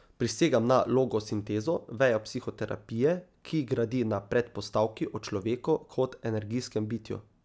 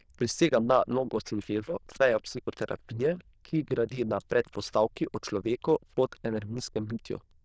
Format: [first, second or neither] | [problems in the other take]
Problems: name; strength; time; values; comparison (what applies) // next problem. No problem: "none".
first | noise reduction (neural diffusion model UNIVERSE++)